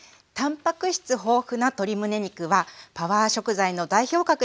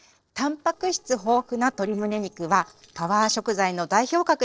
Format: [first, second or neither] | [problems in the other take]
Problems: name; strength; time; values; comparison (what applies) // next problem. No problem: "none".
first | noise reduction (neural separator model SepFormer DNS4)